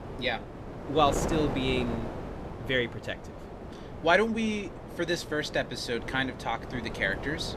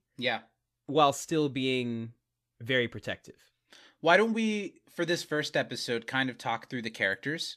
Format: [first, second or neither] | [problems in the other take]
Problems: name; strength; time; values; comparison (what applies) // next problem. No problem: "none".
second | wind noise on the microphone; occasional gusts; 10 dB below the speech